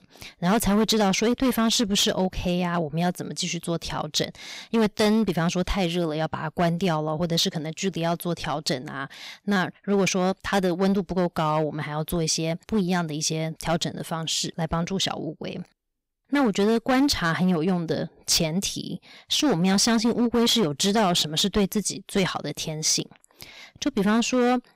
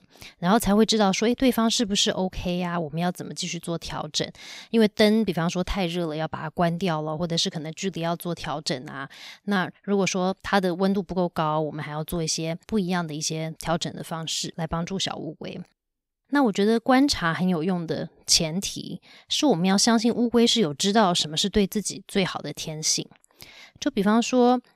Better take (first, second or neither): second